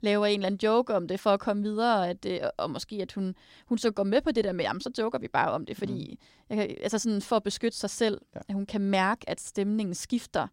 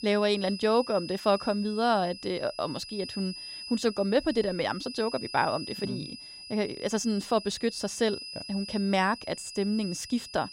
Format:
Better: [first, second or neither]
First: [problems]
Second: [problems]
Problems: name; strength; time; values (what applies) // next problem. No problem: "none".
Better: first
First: none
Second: high-pitched whine; noticeable; throughout; 5 kHz, 10 dB below the speech